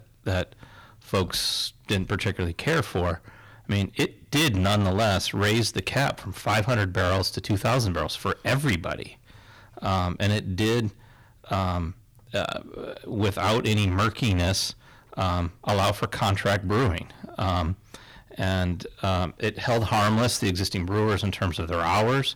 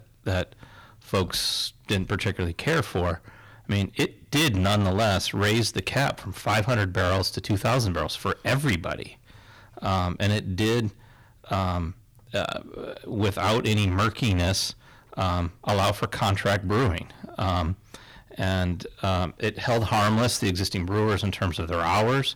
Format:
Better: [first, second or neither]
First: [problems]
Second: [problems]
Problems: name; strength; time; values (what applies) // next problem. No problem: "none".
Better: neither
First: distortion; heavy; 11% of the sound clipped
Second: distortion; heavy; 11% of the sound clipped